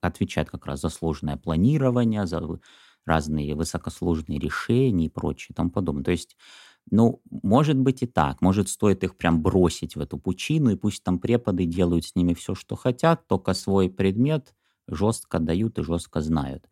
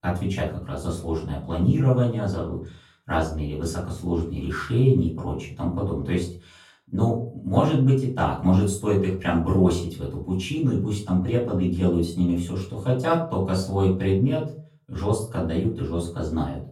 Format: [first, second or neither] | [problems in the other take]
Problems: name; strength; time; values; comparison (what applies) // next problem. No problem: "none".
first | off-mic speech; far // room echo; slight; dies away in 0.4 s